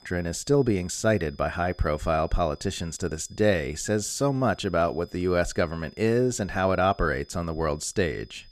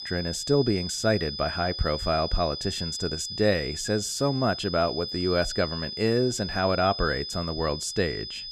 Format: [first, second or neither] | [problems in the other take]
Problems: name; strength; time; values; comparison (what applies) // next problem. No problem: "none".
first | high-pitched whine; loud; throughout; 5 kHz, 6 dB below the speech; faint in the first